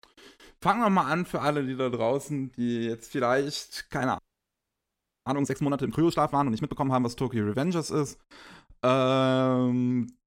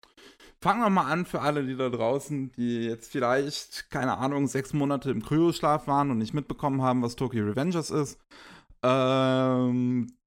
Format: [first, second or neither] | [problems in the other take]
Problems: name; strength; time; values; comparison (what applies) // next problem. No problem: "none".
second | audio freezing; at 4 s for 1 s